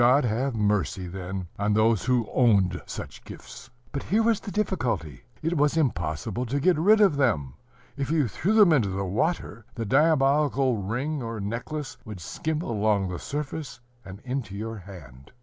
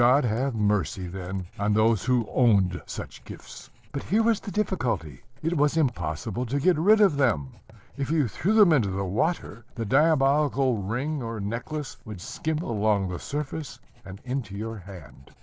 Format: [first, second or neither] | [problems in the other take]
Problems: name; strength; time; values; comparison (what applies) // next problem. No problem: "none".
first | noise reduction (neural separator model SepFormer DNS4)